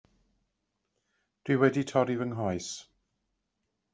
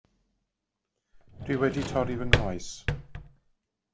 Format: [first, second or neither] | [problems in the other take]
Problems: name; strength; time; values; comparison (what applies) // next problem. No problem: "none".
first | background sound (Drawer open or close); 3 dB above the speech